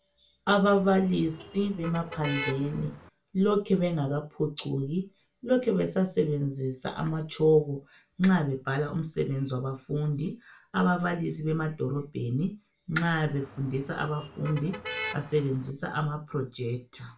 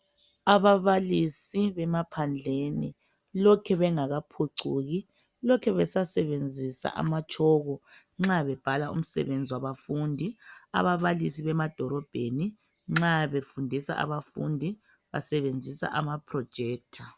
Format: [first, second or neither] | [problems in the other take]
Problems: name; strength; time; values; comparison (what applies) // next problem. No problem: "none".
second | background sound (Motor vehicle (road)); 12 dB below the speech // room echo; dies away in 0.2 s